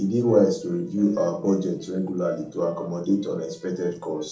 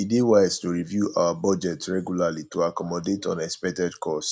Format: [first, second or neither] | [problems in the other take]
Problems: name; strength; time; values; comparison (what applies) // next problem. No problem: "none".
second | noise reduction (neural separator model SepFormer DNS4)